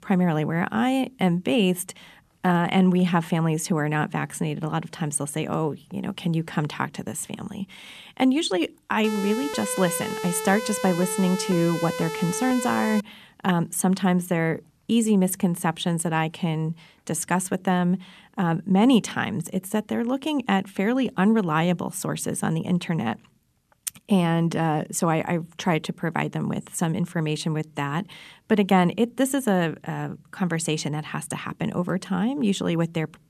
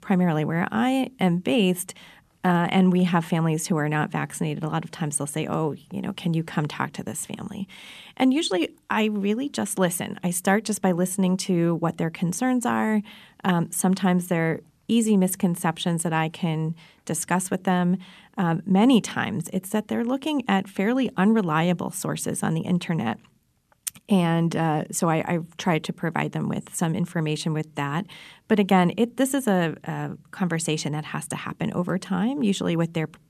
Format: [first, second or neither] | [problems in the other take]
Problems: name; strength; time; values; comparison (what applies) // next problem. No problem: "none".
second | siren; noticeable; from 9 to 13 s; peak 6 dB below the speech